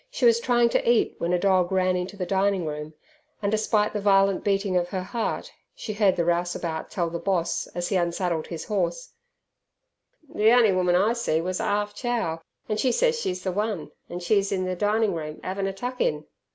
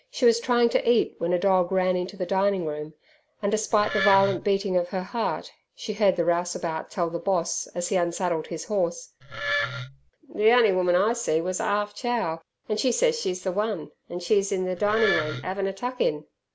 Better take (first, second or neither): first